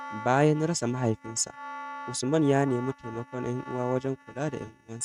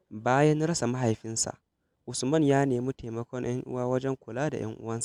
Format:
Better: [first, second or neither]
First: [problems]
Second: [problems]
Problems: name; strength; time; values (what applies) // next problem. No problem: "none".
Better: second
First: noise reduction (neural mask model RNNoise)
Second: none